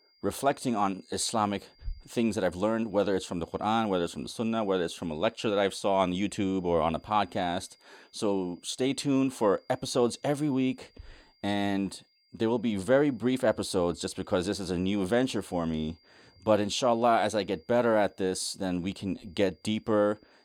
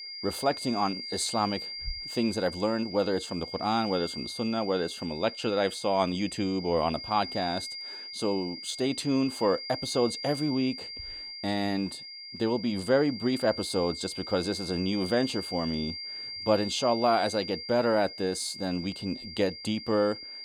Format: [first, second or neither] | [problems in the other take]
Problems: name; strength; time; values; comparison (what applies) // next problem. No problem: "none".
first | high-pitched whine; loud; throughout; 5 kHz, 8 dB below the speech; faint in the first